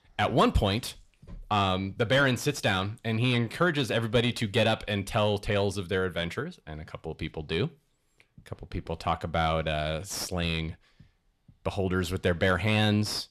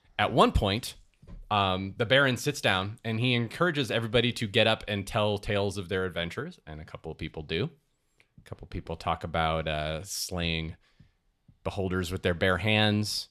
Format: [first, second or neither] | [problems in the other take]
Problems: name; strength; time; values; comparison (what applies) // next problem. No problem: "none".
second | distortion; slight; 10 dB below the speech